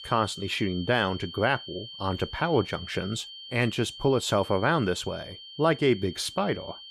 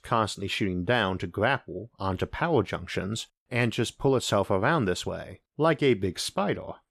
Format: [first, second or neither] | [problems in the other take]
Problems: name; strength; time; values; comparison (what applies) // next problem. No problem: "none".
second | high-pitched whine; noticeable; throughout; 3 kHz, 15 dB below the speech